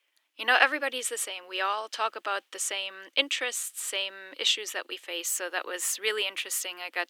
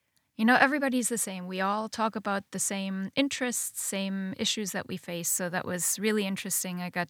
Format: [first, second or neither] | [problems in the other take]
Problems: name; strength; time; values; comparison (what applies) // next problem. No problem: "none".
second | thin; very; fading below 300 Hz